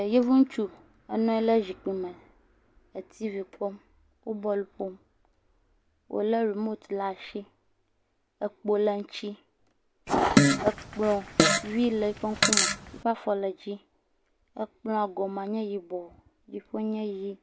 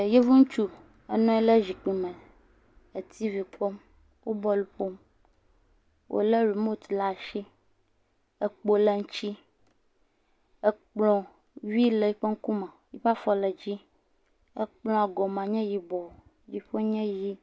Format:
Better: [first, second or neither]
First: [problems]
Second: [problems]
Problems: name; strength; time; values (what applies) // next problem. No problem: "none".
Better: second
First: background sound (Fart); 5 dB above the speech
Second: none